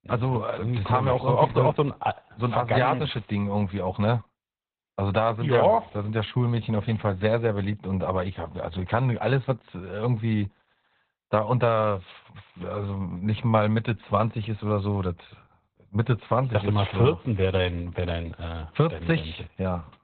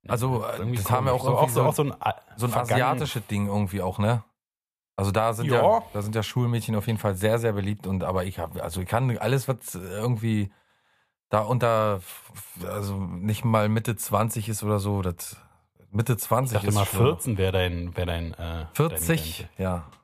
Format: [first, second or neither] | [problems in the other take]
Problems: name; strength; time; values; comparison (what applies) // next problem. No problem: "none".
second | garbled, watery; badly; nothing above 4 kHz